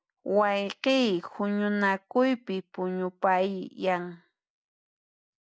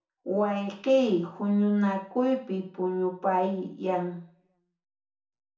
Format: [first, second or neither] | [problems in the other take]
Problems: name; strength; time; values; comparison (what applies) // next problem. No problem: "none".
first | room echo; dies away in 0.6 s